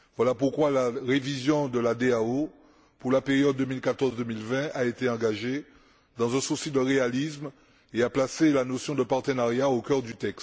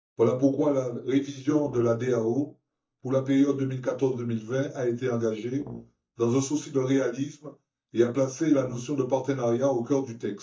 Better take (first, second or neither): first